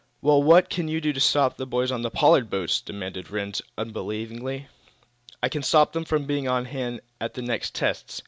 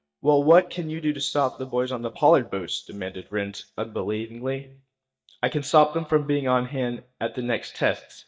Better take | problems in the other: first | noise reduction (neural mask model DeepFilterNet 3)

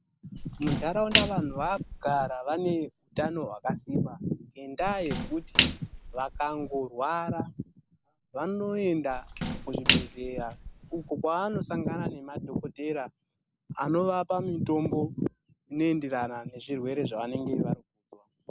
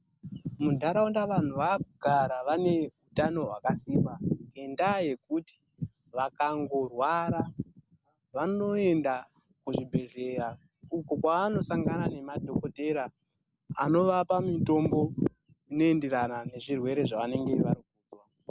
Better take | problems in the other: second | background sound (Splash, splatter); 4 dB below the speech

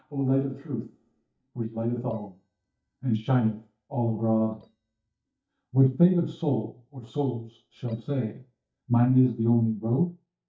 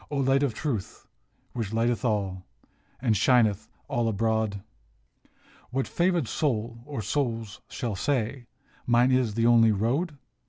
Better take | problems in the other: second | noise reduction (neural mask model DeepFilterNet 3)

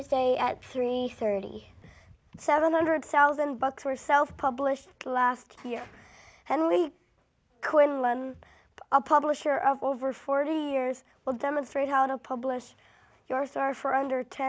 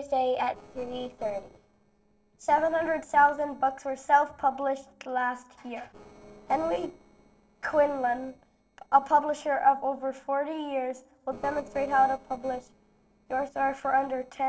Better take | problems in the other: first | noise reduction (neural separator model SepFormer DNS4)

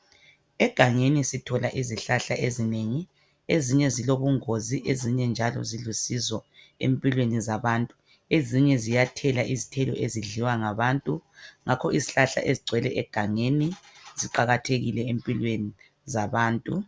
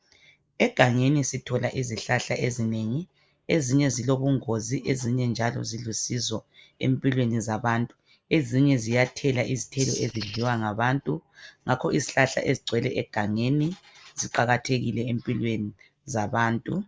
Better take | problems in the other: first | noise reduction (neural mask model Resemble Enhance denoiser)

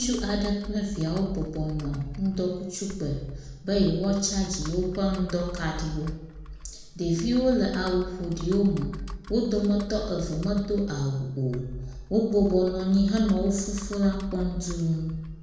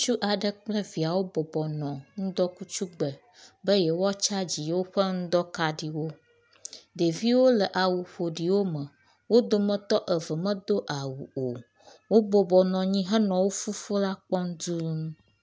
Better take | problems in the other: second | background sound (Computer keyboard); 11 dB below the speech // room echo; dies away in 1 s

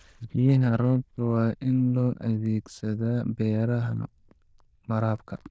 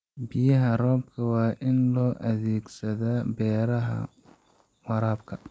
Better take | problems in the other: second | noise reduction (neural diffusion model UNIVERSE++)

